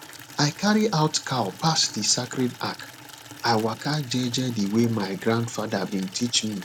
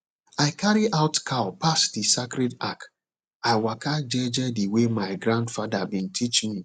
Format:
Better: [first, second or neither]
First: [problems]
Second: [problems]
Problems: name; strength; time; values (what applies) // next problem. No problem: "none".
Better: second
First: background sound (Water tap, faucet / Liquid); 18 dB below the speech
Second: none